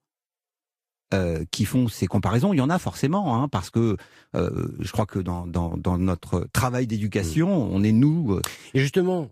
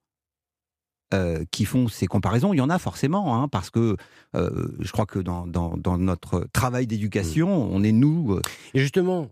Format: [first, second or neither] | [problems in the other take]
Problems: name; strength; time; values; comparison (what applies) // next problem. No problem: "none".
second | garbled, watery; slightly; nothing above 15 kHz